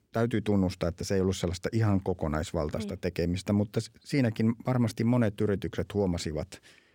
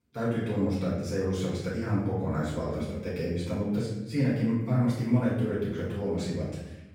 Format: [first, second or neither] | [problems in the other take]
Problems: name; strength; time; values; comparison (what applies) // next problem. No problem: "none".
first | off-mic speech; far // room echo; noticeable; dies away in 0.9 s